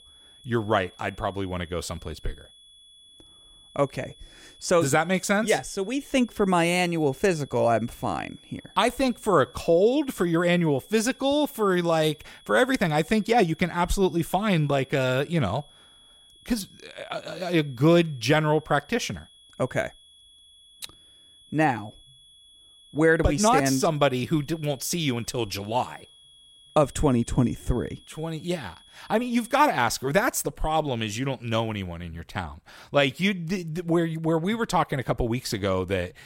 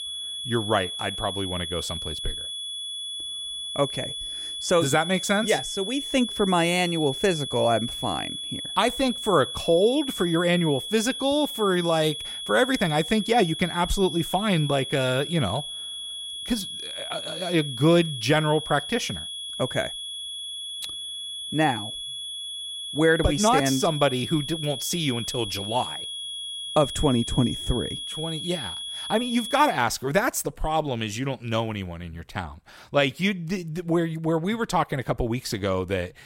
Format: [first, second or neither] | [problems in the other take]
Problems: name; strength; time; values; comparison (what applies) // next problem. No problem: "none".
first | high-pitched whine; loud; until 30 s; 3.5 kHz, 6 dB below the speech; faint in the first